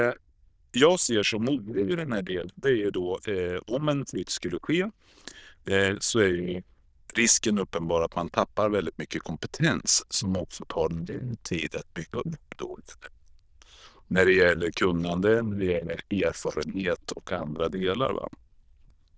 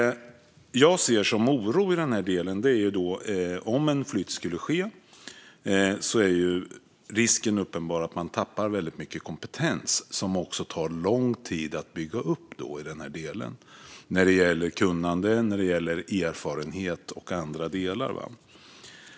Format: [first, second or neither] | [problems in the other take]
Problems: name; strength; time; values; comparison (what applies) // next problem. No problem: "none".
second | noise reduction (neural diffusion model UNIVERSE++)